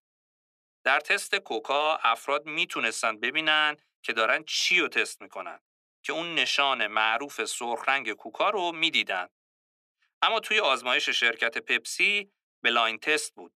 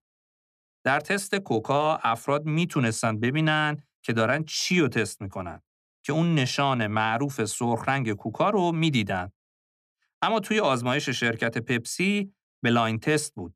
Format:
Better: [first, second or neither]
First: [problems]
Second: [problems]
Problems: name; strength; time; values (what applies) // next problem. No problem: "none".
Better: second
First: thin; very; fading below 400 Hz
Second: none